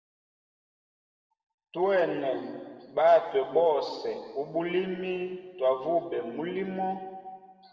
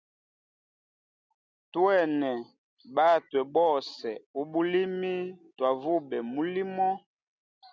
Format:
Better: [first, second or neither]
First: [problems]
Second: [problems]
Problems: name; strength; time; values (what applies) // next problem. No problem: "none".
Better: second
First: room echo; dies away in 1.5 s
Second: none